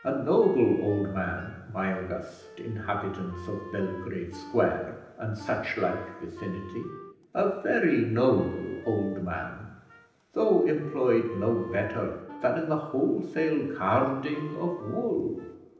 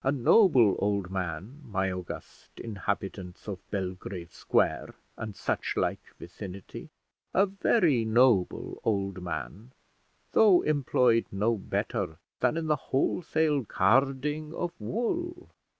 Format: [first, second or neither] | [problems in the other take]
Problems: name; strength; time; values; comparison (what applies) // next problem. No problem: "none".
second | background sound (Wind instrument, woodwind instrument); 18 dB below the speech // room echo; dies away in 0.9 s